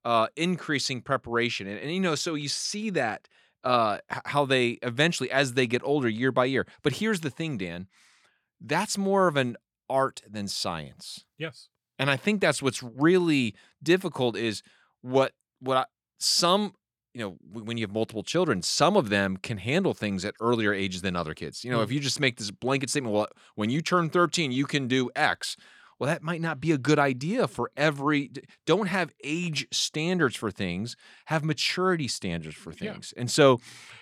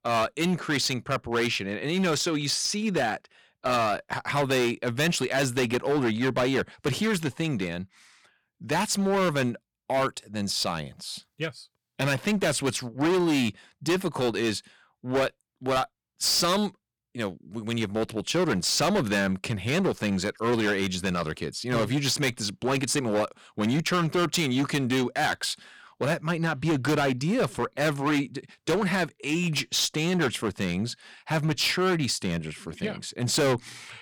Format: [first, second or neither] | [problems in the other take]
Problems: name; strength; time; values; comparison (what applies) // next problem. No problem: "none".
first | distortion; heavy; 12% of the sound clipped